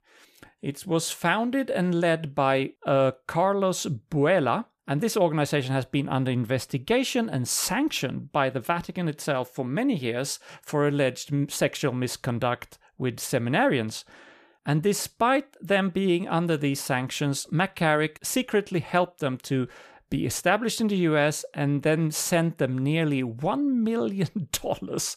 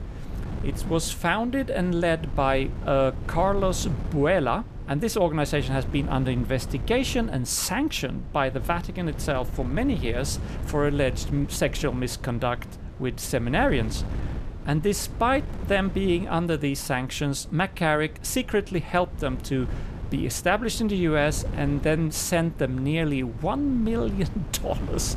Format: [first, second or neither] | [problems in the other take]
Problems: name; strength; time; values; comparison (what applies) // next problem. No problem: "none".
first | wind noise on the microphone; occasional gusts; 15 dB below the speech